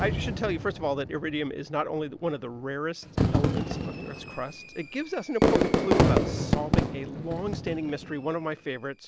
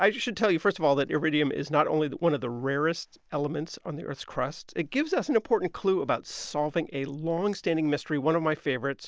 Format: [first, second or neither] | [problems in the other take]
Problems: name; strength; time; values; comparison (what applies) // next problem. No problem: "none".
second | background sound (Fireworks); 3 dB above the speech